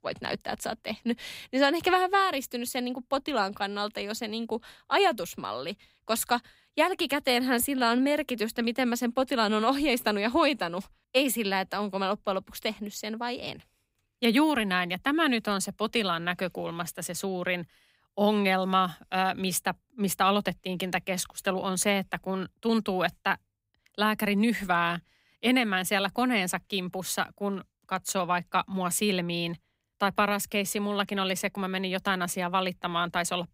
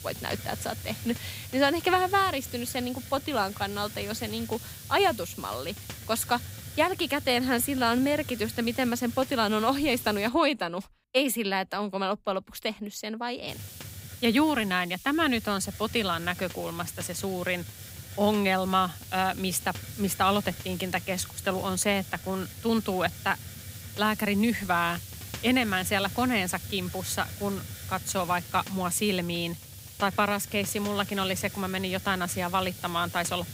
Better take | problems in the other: first | hiss; noticeable; until 10 s and from 13 s on; 10 dB below the speech

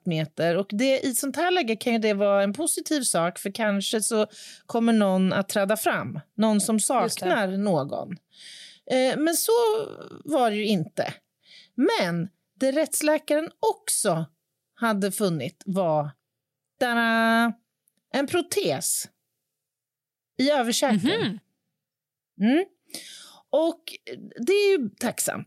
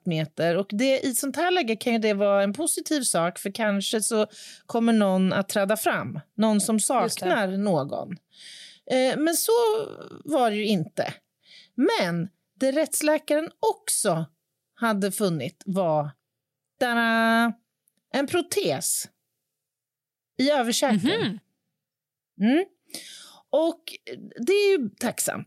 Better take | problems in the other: neither | none

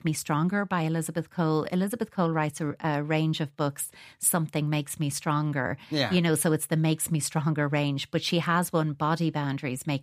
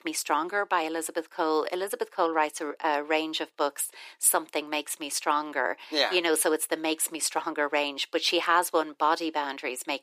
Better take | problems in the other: first | thin; very; fading below 350 Hz

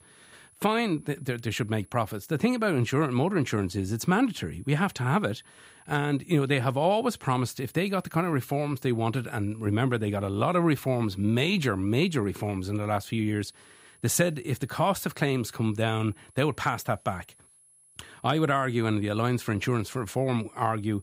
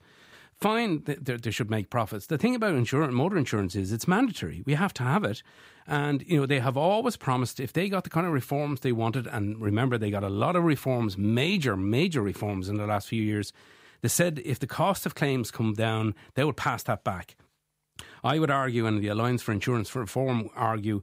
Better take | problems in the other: second | high-pitched whine; faint; throughout; 10.5 kHz, 30 dB below the speech

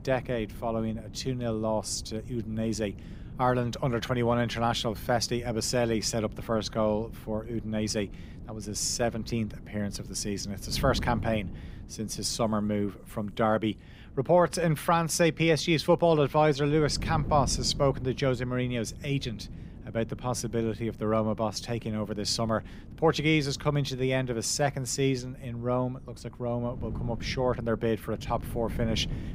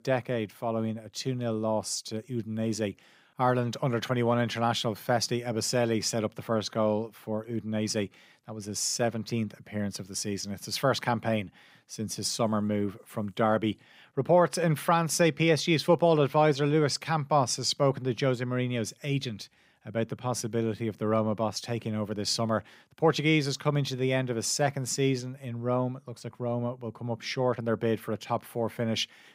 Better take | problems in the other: second | wind noise on the microphone; occasional gusts; 20 dB below the speech

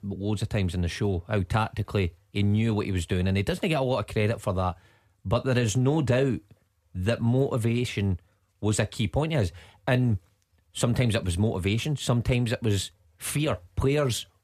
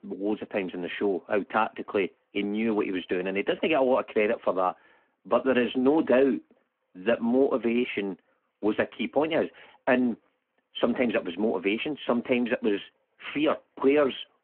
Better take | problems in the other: first | phone-call audio

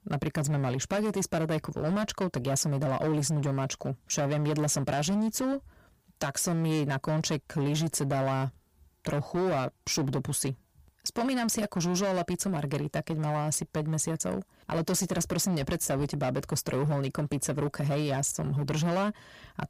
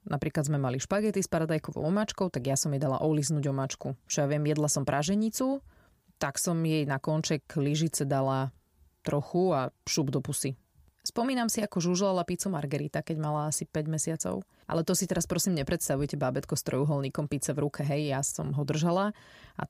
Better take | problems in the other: second | distortion; slight; 17% of the sound clipped

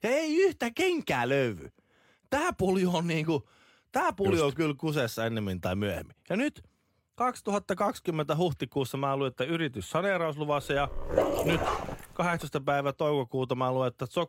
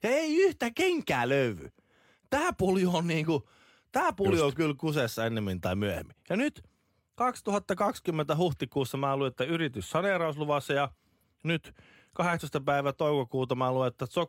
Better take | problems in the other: second | dog barking; loud; from 11 to 12 s; peak 2 dB above the speech

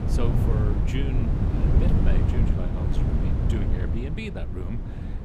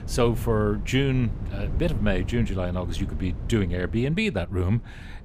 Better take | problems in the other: second | wind noise on the microphone; heavy; 2 dB above the speech; occasional gusts in the second

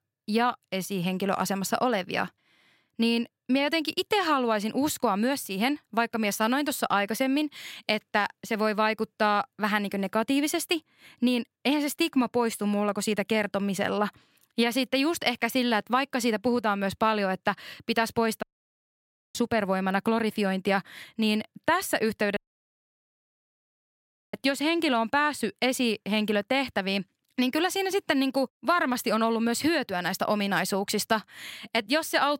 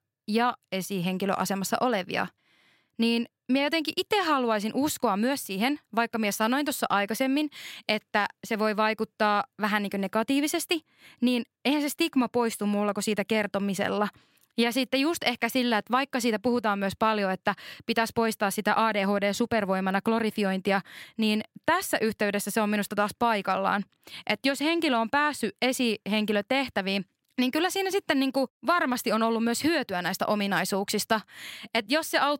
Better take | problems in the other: second | audio cutting out; at 18 s for 1 s and at 22 s for 2 s

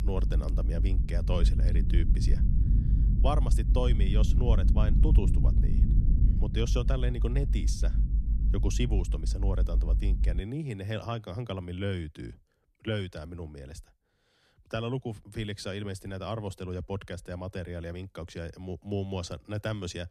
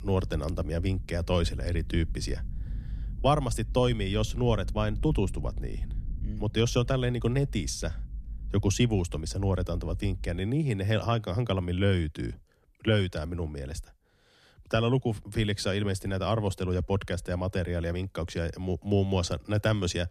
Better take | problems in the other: second | low rumble; loud; until 10 s; 6 dB below the speech; faint in the second

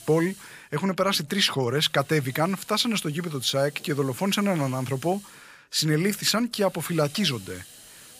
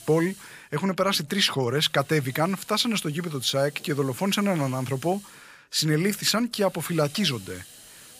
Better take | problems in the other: neither | hiss; faint; throughout; 20 dB below the speech; the same in both

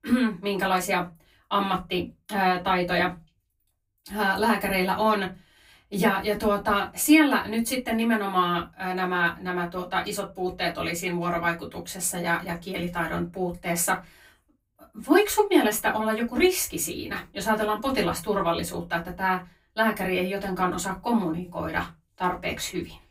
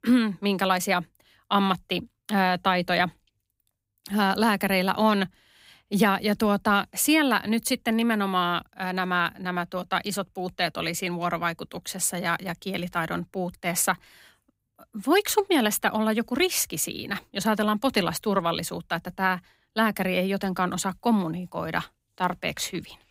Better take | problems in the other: second | off-mic speech; far // room echo; very slight; dies away in 0.2 s

